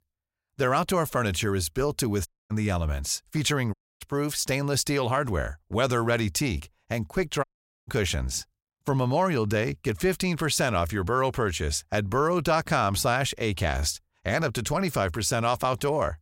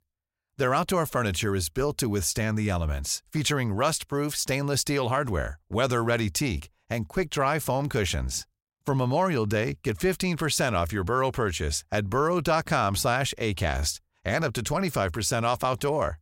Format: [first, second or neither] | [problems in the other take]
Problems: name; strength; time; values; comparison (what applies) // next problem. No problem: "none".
second | audio cutting out; at 2.5 s, at 3.5 s and at 7.5 s